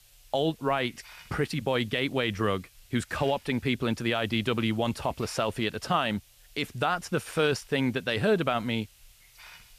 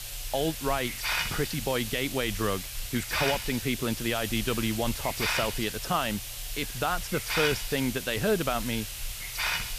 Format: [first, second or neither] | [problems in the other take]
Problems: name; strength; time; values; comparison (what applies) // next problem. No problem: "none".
first | hiss; loud; throughout; 2 dB below the speech; faint in the first